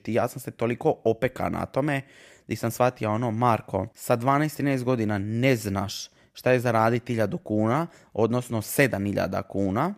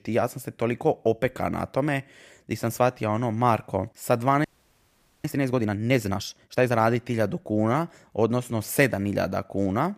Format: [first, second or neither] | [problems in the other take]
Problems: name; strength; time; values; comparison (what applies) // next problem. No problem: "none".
first | audio freezing; at 4.5 s for 1 s